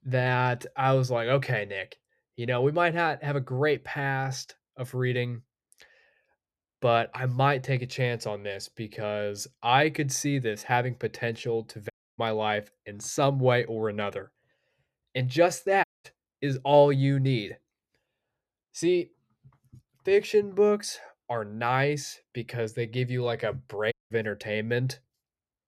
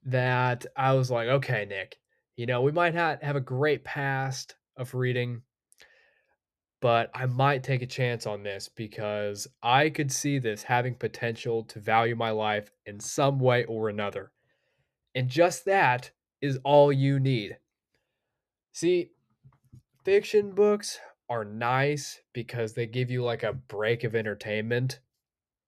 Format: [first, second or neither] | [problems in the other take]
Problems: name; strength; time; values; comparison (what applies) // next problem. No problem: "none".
second | audio cutting out; at 12 s, at 16 s and at 24 s